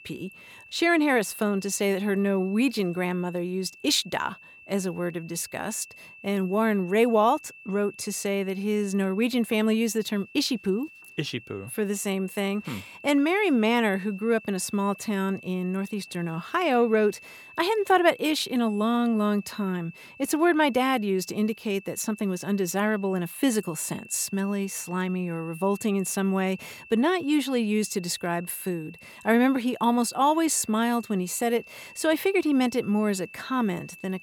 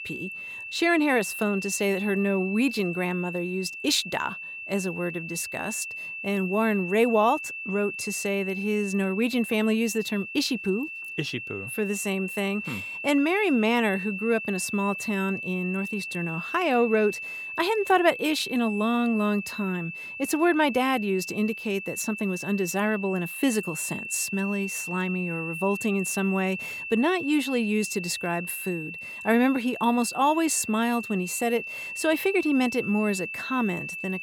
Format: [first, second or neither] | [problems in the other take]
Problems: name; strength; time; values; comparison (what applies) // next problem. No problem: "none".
first | high-pitched whine; loud; throughout; 2.5 kHz, 7 dB below the speech; faint in the first